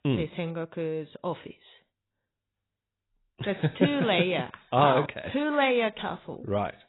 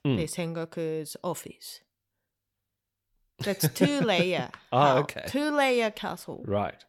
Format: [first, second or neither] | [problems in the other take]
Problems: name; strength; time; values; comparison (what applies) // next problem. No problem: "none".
second | garbled, watery; badly; nothing above 4 kHz